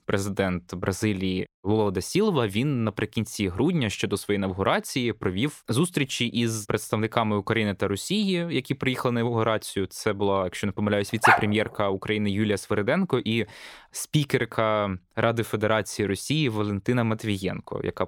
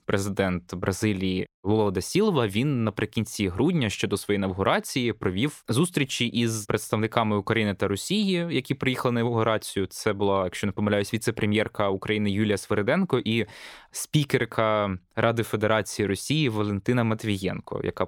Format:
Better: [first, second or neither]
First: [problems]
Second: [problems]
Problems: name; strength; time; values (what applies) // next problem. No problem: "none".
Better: second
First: dog barking; loud; at 11 s; peak 6 dB above the speech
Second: none